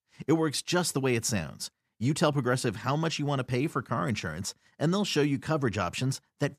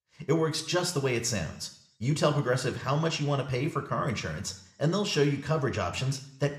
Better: first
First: none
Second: room echo; very slight; dies away in 0.6 s

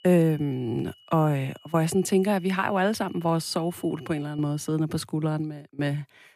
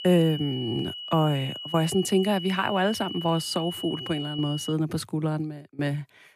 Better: first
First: high-pitched whine; faint; until 4.5 s; 3 kHz, 25 dB below the speech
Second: high-pitched whine; loud; until 4.5 s; 3 kHz, 8 dB below the speech

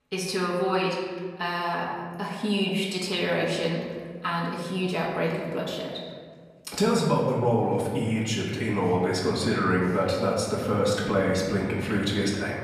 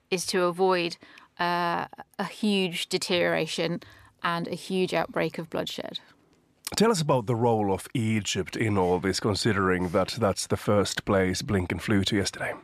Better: second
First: off-mic speech; far // room echo; noticeable; dies away in 1.5 s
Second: none

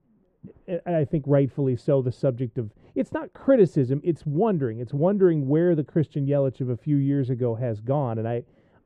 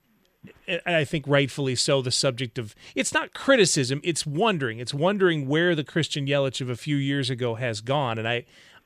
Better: second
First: muffled; very; fading above 1.5 kHz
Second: none

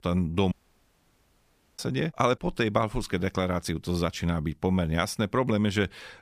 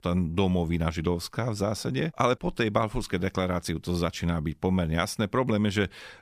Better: second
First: audio cutting out; at 0.5 s for 1.5 s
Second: none

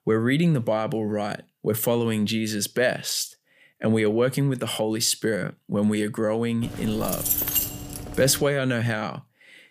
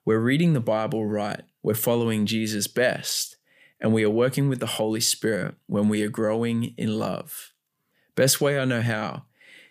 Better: second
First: jangling keys; loud; from 6.5 to 8.5 s; peak 3 dB above the speech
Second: none

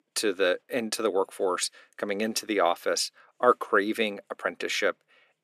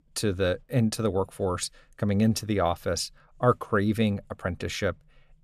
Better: second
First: thin; somewhat; fading below 300 Hz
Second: none

